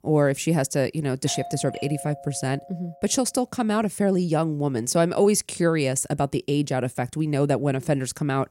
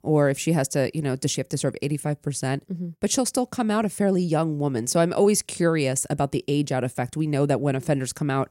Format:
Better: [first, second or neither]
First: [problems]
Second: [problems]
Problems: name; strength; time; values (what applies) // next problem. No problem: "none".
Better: second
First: doorbell; faint; from 1.5 to 3 s; peak 10 dB below the speech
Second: none